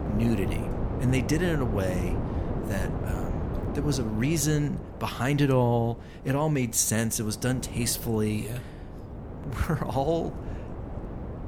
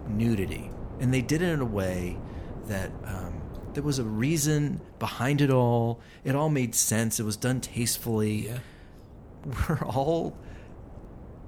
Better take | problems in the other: second | wind noise on the microphone; heavy; 10 dB below the speech; occasional gusts in the second

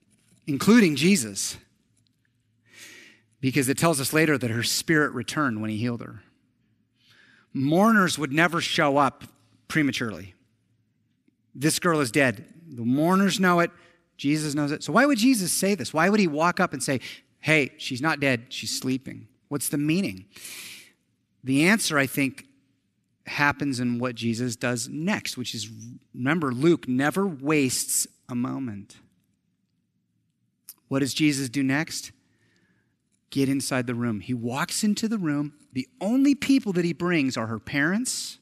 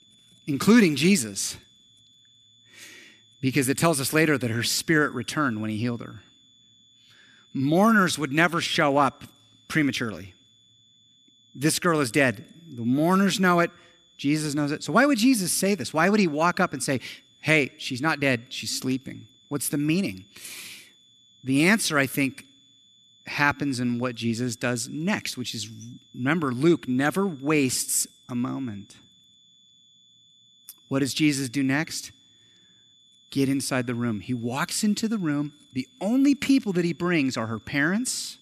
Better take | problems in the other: first | high-pitched whine; faint; throughout; 3.5 kHz, 30 dB below the speech

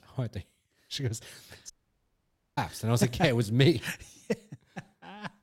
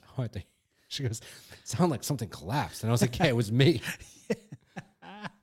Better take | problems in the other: second | audio cutting out; at 1.5 s for 1 s

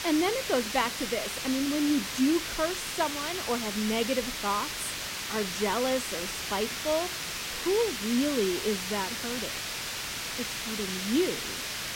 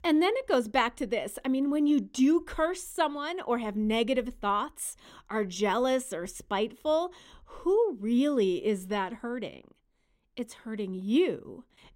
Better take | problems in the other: second | hiss; loud; throughout; 2 dB below the speech

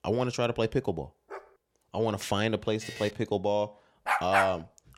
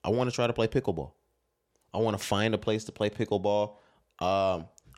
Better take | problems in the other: second | dog barking; faint; at 1.5 s; peak 15 dB below the speech // alarm; faint; at 3 s; peak 10 dB below the speech // dog barking; loud; at 4 s; peak 4 dB above the speech

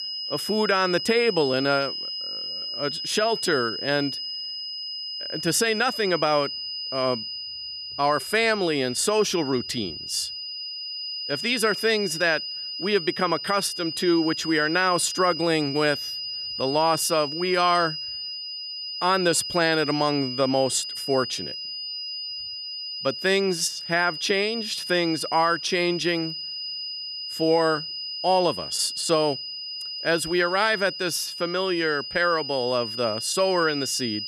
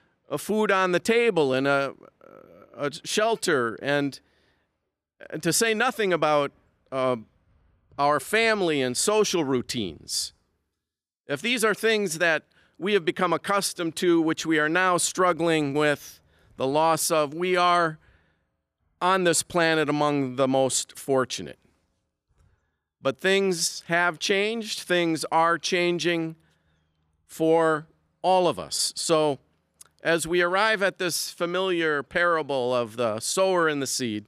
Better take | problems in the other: second | high-pitched whine; loud; throughout; 5 kHz, 6 dB below the speech

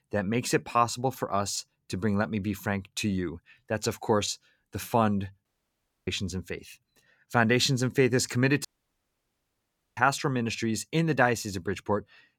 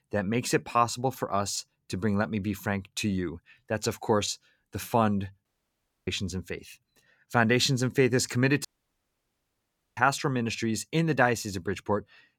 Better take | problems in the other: neither | audio cutting out; at 5.5 s for 0.5 s and at 8.5 s for 1.5 s; the same in both

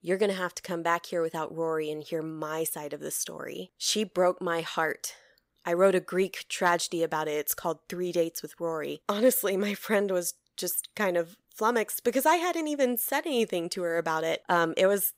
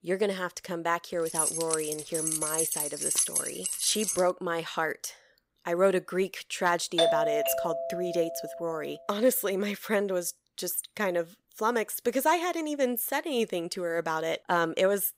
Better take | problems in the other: first | jangling keys; loud; from 1.5 to 4 s; peak 4 dB above the speech // doorbell; loud; from 7 to 8.5 s; peak 5 dB above the speech

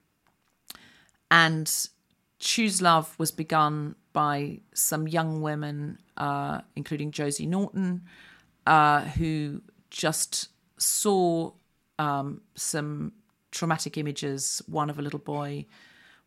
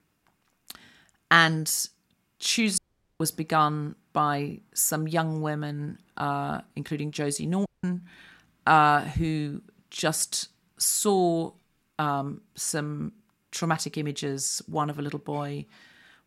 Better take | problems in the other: first | audio cutting out; at 3 s and at 7.5 s

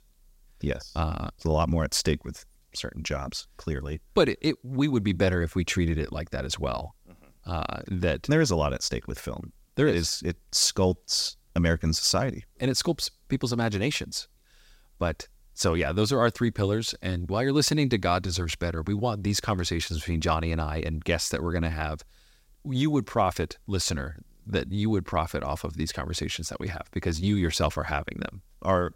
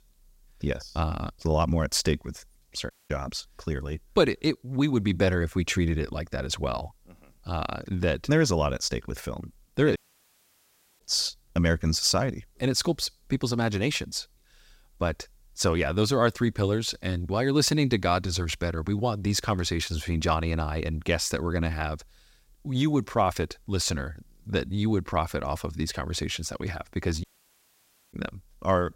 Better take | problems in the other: first | audio cutting out; at 3 s, at 10 s for 1 s and at 27 s for 1 s

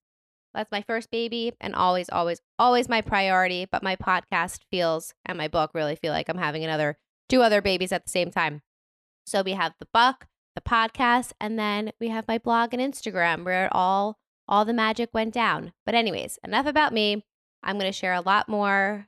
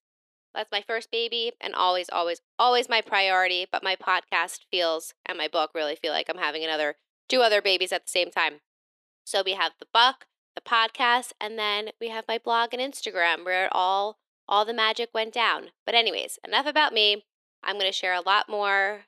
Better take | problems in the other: first | thin; somewhat; fading below 350 Hz

